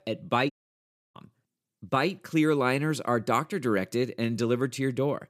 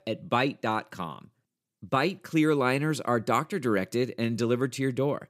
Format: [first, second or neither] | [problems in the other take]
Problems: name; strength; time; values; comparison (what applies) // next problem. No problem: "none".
second | audio cutting out; at 0.5 s for 0.5 s